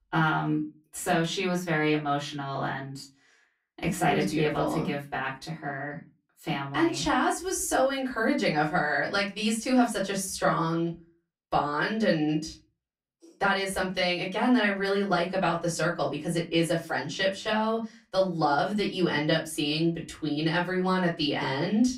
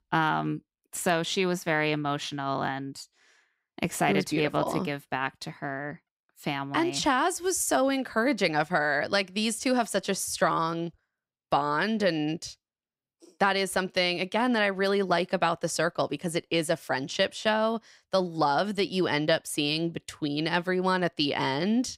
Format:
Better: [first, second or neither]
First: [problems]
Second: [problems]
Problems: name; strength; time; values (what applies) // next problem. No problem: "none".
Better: second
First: off-mic speech; far // room echo; very slight; dies away in 0.2 s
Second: none